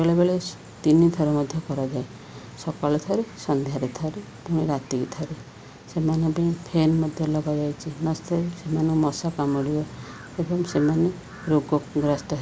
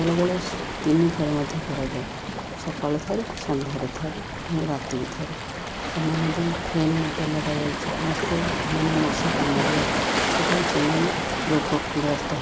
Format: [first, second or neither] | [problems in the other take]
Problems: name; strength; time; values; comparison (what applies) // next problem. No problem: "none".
first | background sound (Waves, surf); 1 dB below the speech